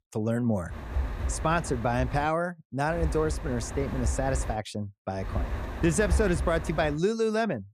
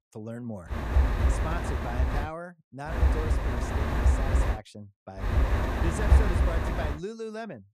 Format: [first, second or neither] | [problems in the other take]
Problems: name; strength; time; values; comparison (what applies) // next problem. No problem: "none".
first | wind noise on the microphone; heavy; from 0.5 to 2 s, from 3 to 4.5 s and from 5 to 7 s; 4 dB above the speech; occasional gusts in the first